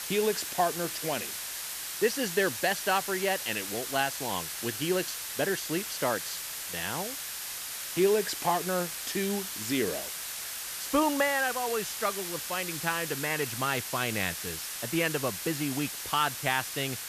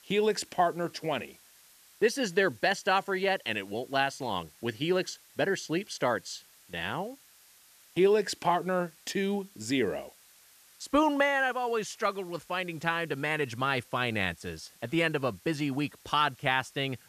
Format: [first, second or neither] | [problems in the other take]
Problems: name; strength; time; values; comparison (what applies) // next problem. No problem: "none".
second | hiss; loud; throughout; 4 dB below the speech; faint in the second